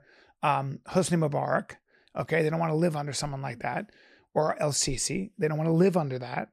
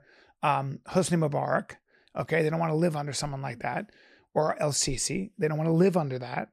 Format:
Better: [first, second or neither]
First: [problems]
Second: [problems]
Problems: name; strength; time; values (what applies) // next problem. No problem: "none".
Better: neither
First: none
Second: none